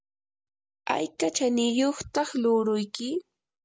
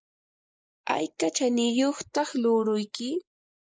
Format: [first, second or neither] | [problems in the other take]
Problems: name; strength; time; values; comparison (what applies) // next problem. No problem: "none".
first | noise reduction (neural mask model Resemble Enhance denoiser)